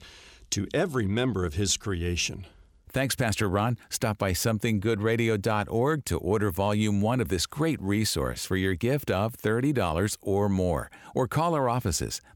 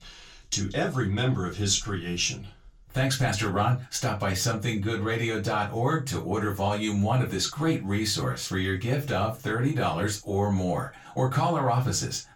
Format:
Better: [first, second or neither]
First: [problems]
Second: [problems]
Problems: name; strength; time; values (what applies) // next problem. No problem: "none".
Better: first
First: none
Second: room echo; very slight; dies away in 0.2 s // off-mic speech; far